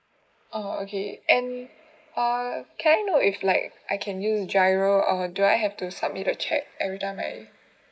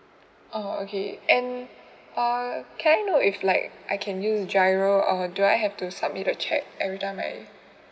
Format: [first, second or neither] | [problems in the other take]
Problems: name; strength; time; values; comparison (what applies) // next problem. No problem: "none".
second | noise reduction (neural mask model Resemble Enhance denoiser)